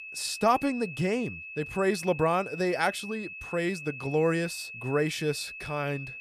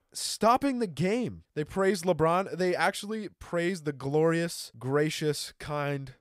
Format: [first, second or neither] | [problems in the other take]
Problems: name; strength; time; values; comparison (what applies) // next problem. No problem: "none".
second | high-pitched whine; loud; throughout; 2.5 kHz, 10 dB below the speech